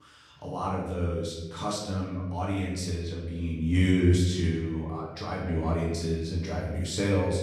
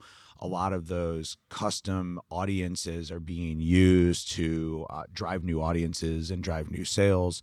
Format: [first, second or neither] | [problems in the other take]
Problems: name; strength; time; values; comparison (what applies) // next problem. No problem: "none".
second | room echo; noticeable; dies away in 1.2 s // off-mic speech; far